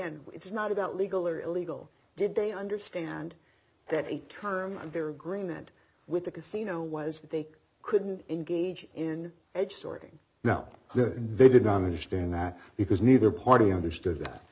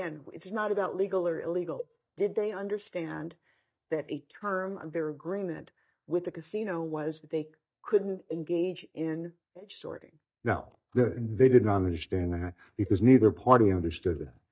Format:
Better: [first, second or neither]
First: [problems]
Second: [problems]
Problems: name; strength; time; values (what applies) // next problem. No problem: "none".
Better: first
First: none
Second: noise reduction (neural mask model DeepFilterNet 3)